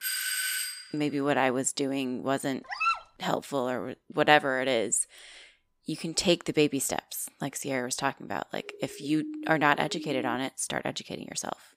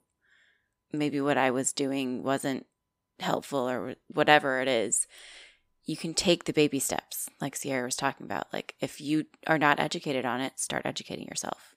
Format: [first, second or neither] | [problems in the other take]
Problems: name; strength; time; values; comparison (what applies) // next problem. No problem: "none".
second | doorbell; loud; at the start; peak 1 dB above the speech // dog barking; loud; at 2.5 s; peak 1 dB above the speech // siren; noticeable; from 8.5 to 10 s; peak 9 dB below the speech